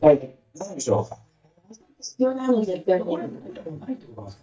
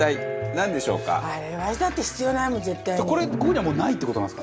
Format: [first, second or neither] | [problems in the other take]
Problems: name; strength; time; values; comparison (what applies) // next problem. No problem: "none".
second | noise reduction (neural mask model DeepFilterNet 3)